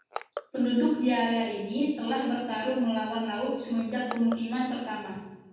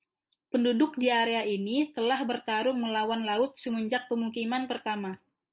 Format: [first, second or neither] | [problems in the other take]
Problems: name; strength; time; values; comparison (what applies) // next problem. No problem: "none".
second | background sound (Crushing); 18 dB below the speech // room echo; dies away in 1.2 s